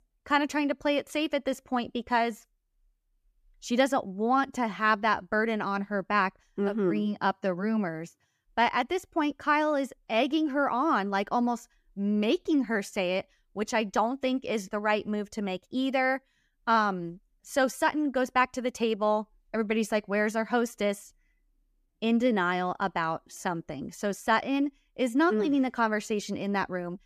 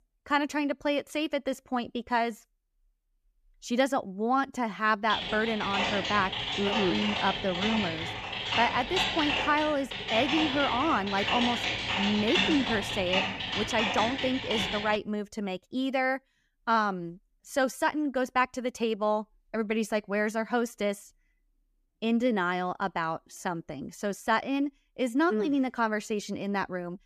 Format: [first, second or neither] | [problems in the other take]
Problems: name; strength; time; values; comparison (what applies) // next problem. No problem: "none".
first | keyboard typing; loud; from 5 to 15 s; peak 4 dB above the speech